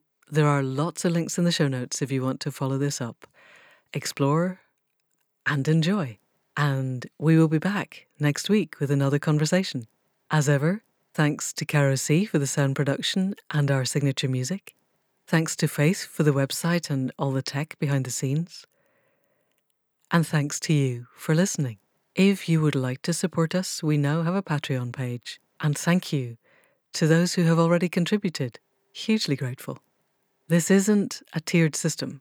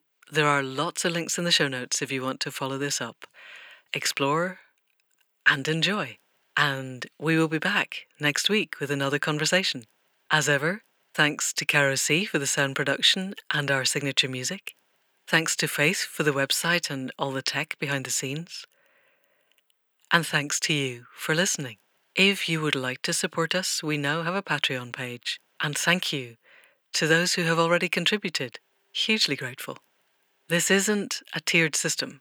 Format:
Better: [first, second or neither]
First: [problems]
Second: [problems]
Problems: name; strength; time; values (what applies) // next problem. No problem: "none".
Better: first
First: none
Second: thin; somewhat; fading below 600 Hz